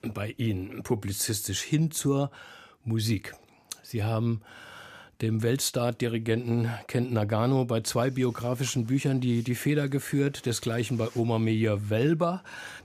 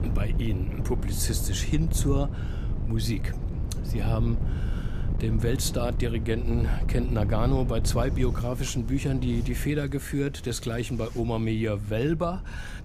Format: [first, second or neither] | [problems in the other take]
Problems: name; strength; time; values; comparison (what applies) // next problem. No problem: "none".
first | wind noise on the microphone; occasional gusts; 10 dB below the speech